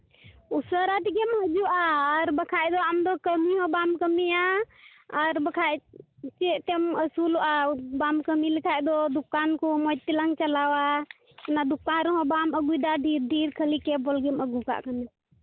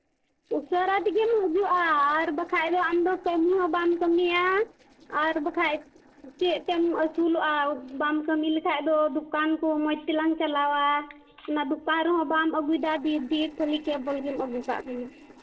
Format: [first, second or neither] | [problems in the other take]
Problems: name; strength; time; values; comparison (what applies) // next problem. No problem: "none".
first | noise reduction (neural separator model SepFormer DNS4)